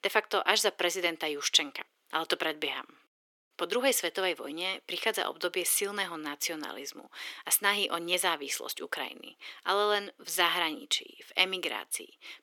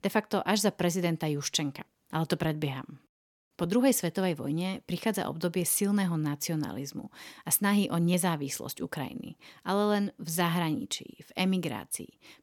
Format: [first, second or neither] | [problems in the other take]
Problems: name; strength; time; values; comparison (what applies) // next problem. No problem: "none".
second | thin; very; fading below 400 Hz